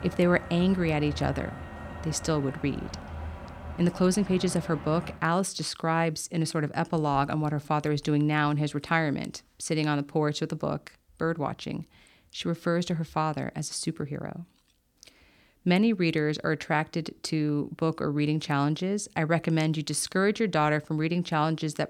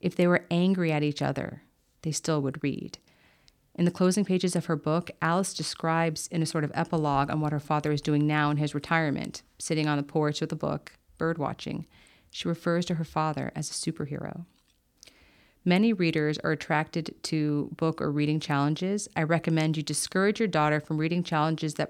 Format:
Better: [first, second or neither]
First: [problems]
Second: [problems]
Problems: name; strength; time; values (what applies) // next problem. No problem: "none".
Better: second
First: traffic noise; noticeable; until 5 s; 15 dB below the speech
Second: none